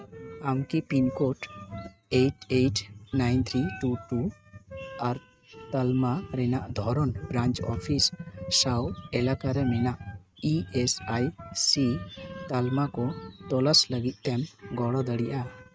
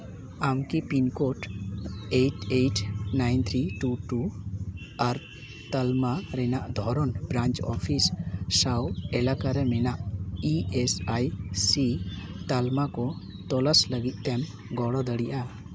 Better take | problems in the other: second | noise reduction (neural mask model RNNoise)

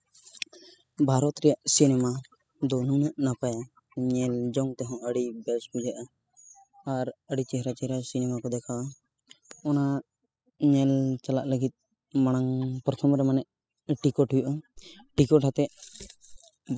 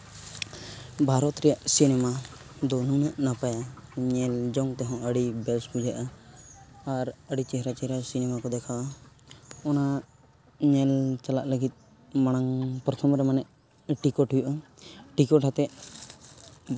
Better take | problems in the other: second | noise reduction (classical method spectral subtraction)

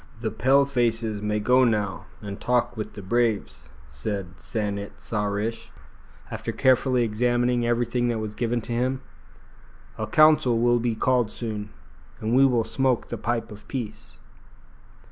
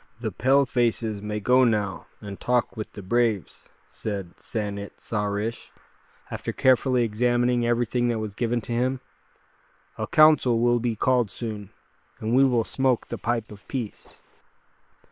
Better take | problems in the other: first | noise reduction (neural separator model SepFormer WHAM!)

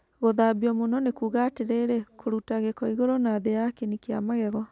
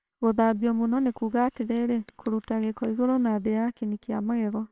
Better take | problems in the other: first | noise reduction (neural separator model SepFormer WHAMR!)

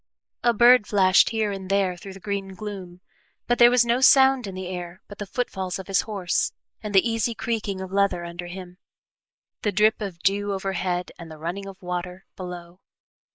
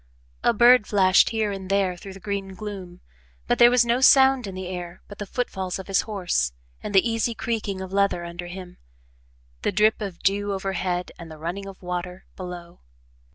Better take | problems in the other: second | noise reduction (neural mask model Resemble Enhance denoiser)

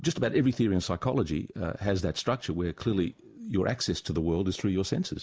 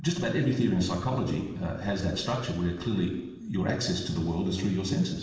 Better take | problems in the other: first | room echo; dies away in 1.1 s

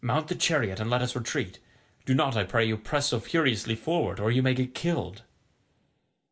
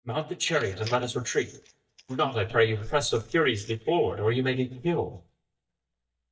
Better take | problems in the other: first | noise reduction (neural mask model DeepFilterNet 3)

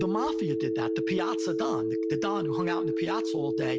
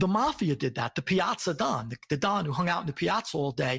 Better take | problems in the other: second | background sound (Telephone); 4 dB above the speech

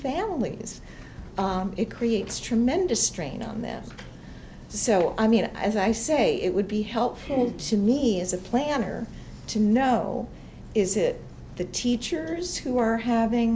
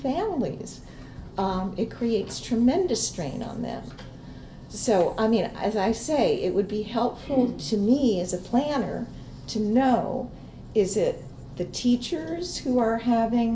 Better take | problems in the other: first | room echo; dies away in 0.7 s

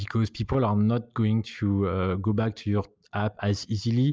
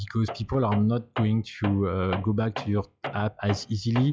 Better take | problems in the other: first | noise reduction (classical method log-MMSE)

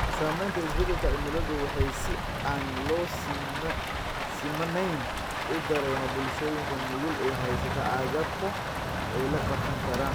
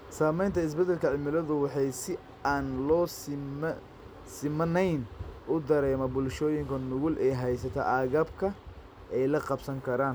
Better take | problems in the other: second | background sound (Rain); 2 dB above the speech

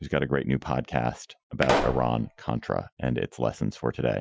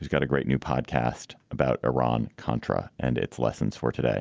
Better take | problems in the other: second | noise reduction (classical method Wiener filter)

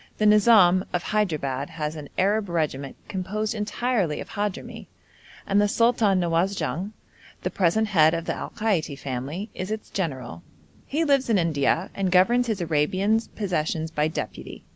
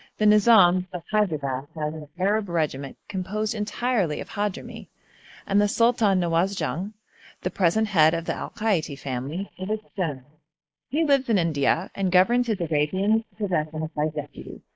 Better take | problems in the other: first | noise reduction (neural mask model Resemble Enhance denoiser)

